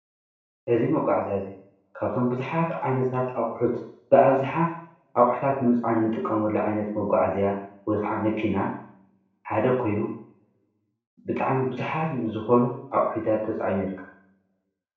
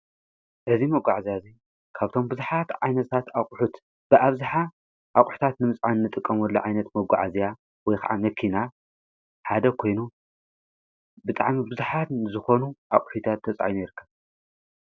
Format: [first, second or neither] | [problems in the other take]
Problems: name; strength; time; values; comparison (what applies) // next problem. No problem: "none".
second | room echo; dies away in 0.6 s